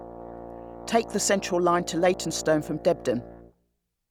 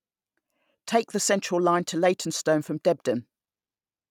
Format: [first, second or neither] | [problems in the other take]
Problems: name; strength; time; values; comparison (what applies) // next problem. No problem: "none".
second | background sound (Brass instrument); 14 dB below the speech